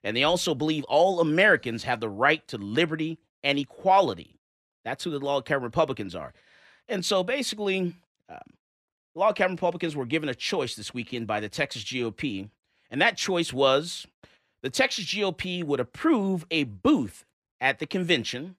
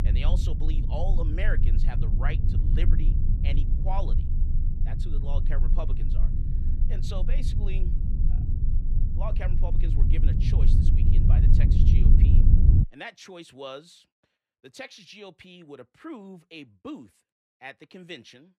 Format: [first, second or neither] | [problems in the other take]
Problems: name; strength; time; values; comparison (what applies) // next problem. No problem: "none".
first | low rumble; loud; until 13 s; 1 dB below the speech